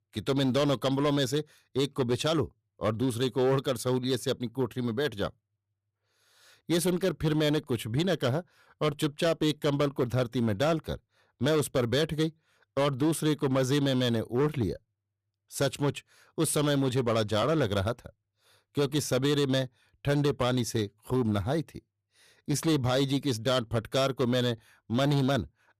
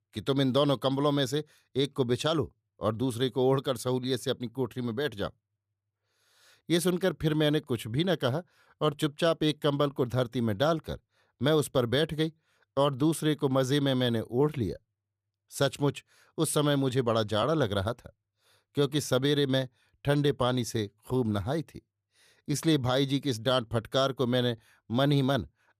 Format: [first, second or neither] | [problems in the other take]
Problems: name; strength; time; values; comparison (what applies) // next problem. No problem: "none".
second | distortion; slight; 9% of the sound clipped